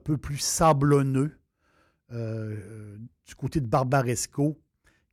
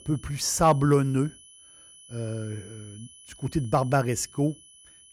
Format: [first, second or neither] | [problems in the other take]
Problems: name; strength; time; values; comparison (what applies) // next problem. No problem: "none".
first | high-pitched whine; faint; throughout; 10 kHz, 20 dB below the speech